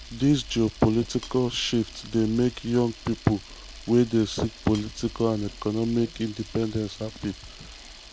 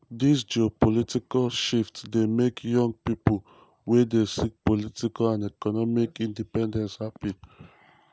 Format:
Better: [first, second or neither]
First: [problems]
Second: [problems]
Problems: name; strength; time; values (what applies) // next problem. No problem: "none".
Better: second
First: background sound (Camera); 17 dB below the speech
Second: none